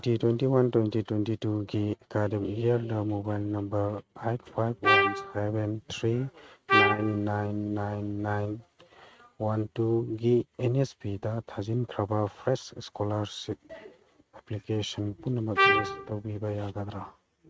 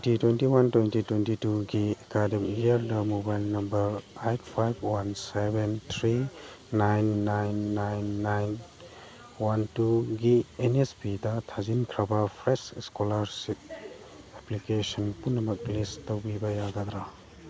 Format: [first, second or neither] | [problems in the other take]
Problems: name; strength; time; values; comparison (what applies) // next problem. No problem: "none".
second | noise reduction (neural mask model RNNoise)